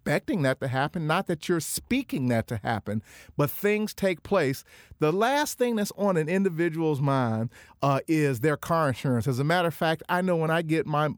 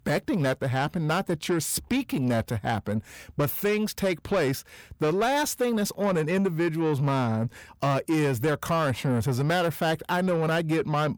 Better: first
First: none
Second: distortion; slight; 10 dB below the speech

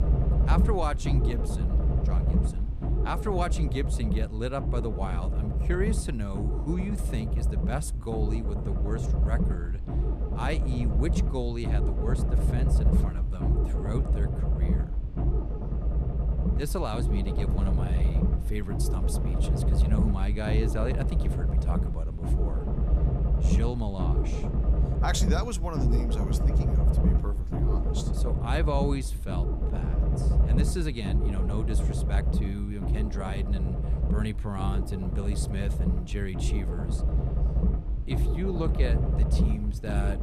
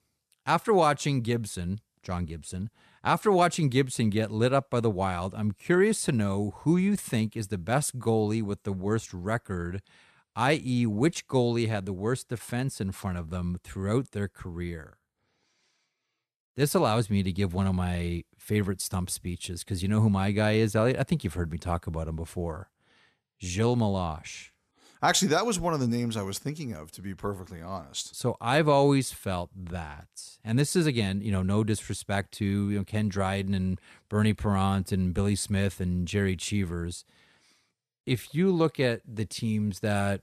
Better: second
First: low rumble; loud; throughout; 3 dB below the speech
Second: none

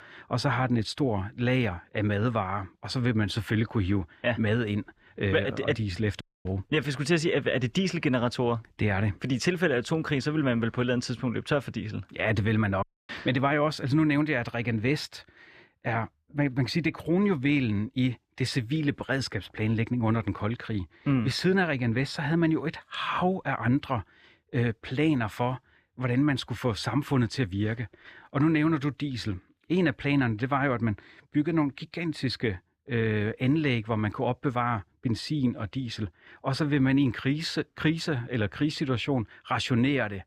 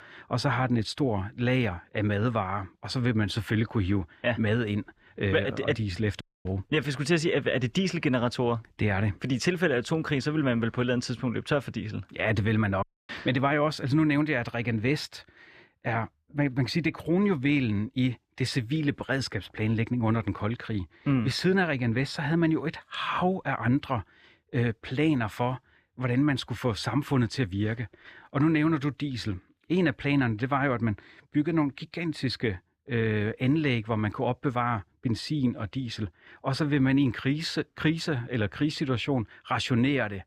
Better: neither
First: audio cutting out; at 6 s and at 13 s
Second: audio cutting out; at 6 s and at 13 s

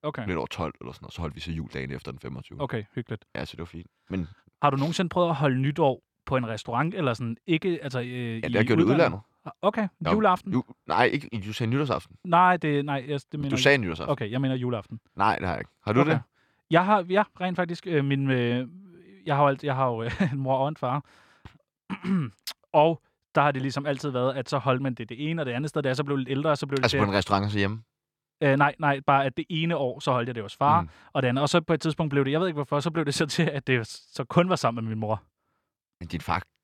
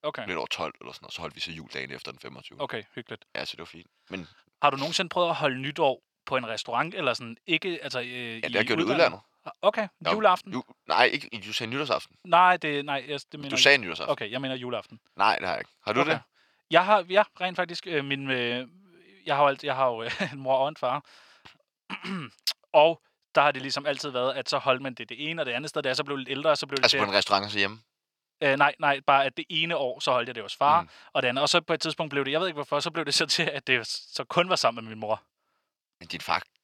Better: first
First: none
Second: thin; somewhat; fading below 650 Hz

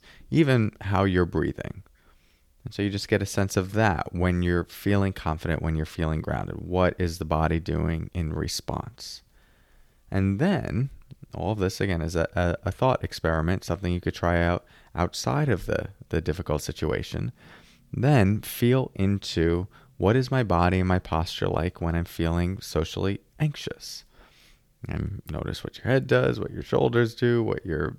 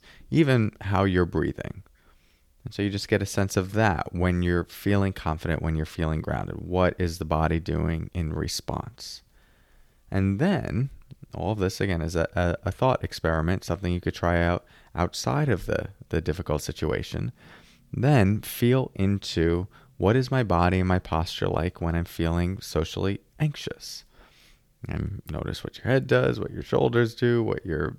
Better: neither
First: none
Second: none

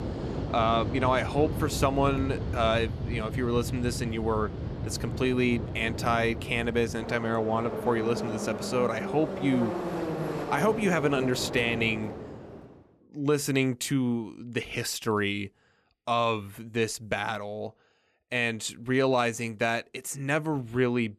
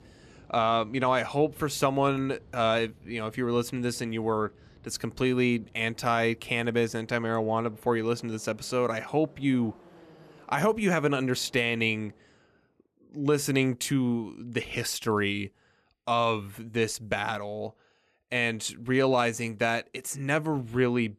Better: second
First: train or aircraft noise; loud; until 12 s; 6 dB below the speech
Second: train or aircraft noise; faint; until 12 s; 25 dB below the speech

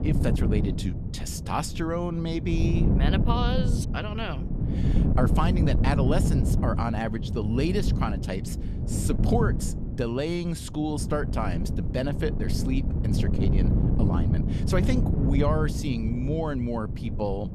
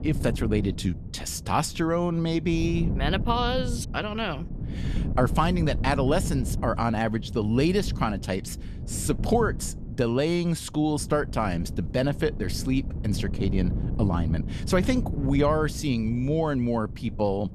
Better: second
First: wind noise on the microphone; heavy; 5 dB below the speech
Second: wind noise on the microphone; occasional gusts; 15 dB below the speech

